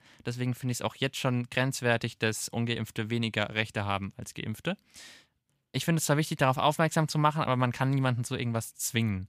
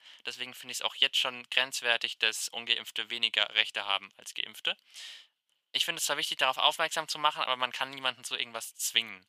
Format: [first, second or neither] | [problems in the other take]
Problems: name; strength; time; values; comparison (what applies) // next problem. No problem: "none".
first | thin; very; fading below 750 Hz